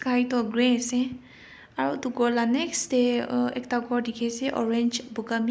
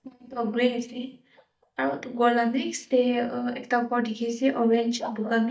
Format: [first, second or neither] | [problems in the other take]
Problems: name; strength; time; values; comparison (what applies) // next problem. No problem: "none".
first | noise reduction (neural mask model DeepFilterNet 3)